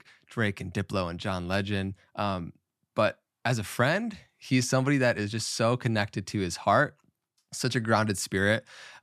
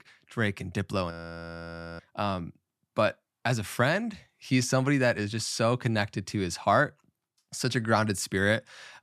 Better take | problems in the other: first | audio freezing; at 1 s for 1 s

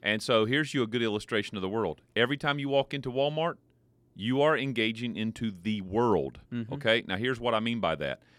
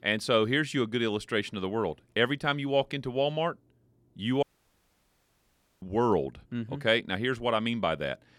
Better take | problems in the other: first | audio cutting out; at 4.5 s for 1.5 s

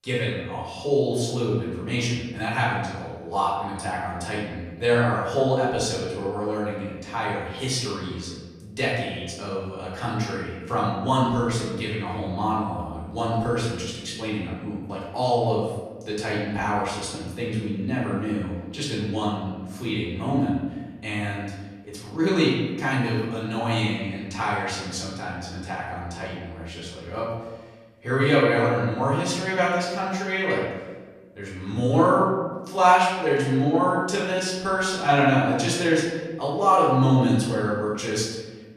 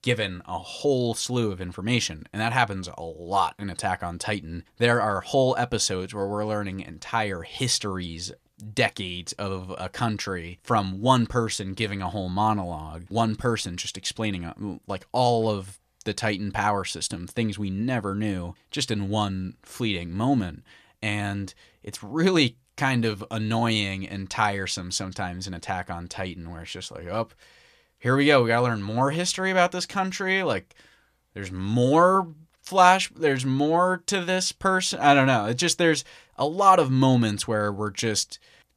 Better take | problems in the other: second | room echo; noticeable; dies away in 1.2 s // off-mic speech; far

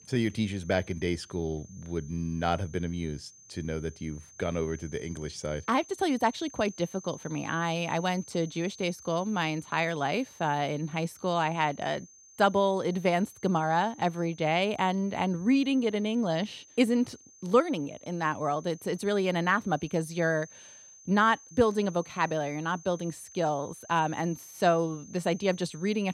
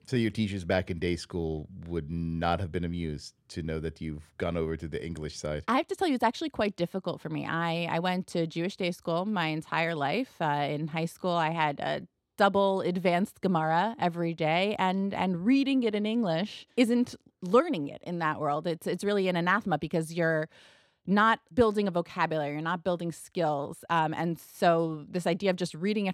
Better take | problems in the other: second | high-pitched whine; faint; throughout; 6.5 kHz, 20 dB below the speech

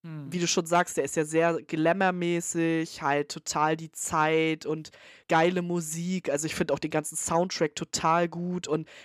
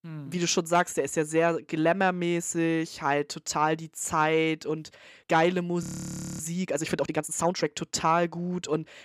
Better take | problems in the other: first | audio freezing; at 6 s for 0.5 s

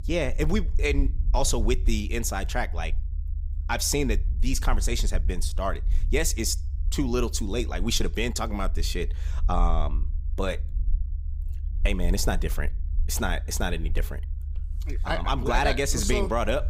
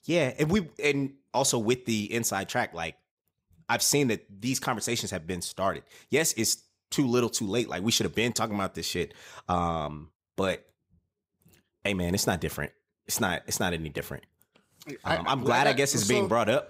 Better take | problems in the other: second | low rumble; faint; throughout; 20 dB below the speech

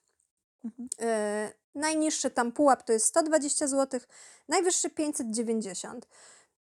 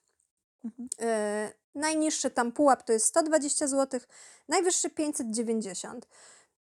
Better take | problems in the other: neither | none

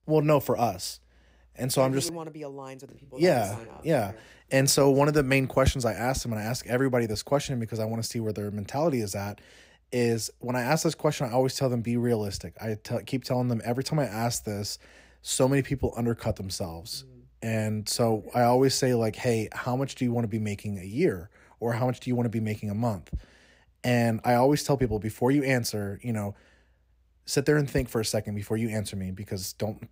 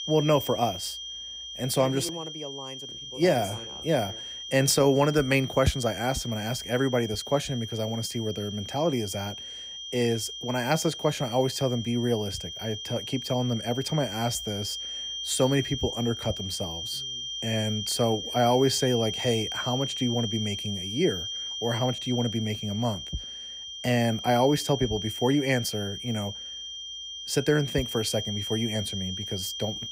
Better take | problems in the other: first | high-pitched whine; loud; throughout; 3 kHz, 6 dB below the speech

